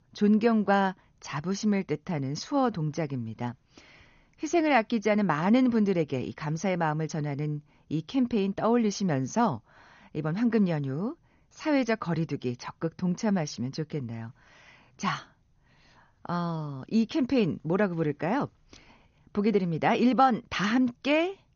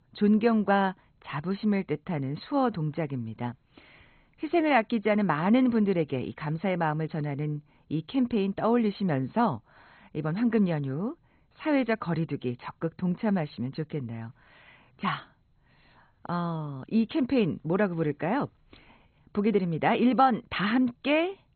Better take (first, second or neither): first